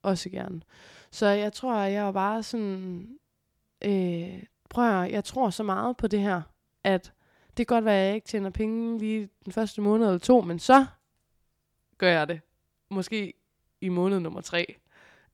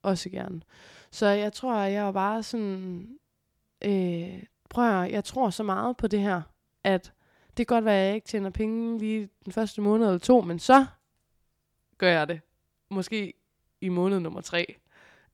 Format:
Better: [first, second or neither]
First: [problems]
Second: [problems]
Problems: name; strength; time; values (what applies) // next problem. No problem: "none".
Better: neither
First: none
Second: none